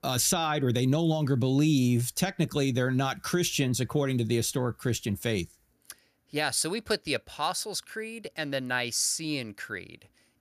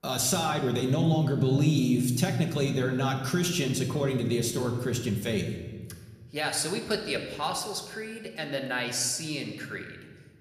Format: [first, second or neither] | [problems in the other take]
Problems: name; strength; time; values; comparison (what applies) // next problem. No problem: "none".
first | room echo; slight; dies away in 1.2 s